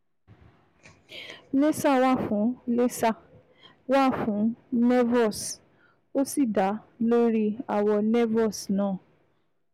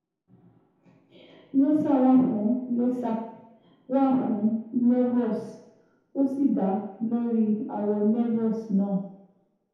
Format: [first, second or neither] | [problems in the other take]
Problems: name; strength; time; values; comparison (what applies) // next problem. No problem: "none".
first | room echo; dies away in 0.8 s